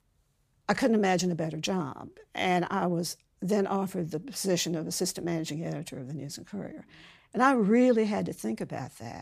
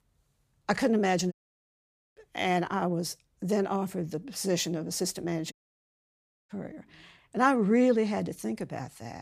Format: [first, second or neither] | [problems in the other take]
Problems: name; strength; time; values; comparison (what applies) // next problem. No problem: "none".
first | audio cutting out; at 1.5 s for 1 s and at 5.5 s for 1 s